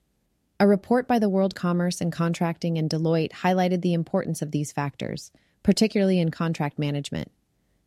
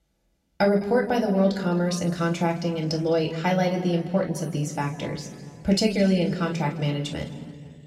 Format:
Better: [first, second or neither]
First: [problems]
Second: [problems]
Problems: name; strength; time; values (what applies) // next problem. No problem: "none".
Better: first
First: none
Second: room echo; noticeable; dies away in 1.9 s // off-mic speech; somewhat distant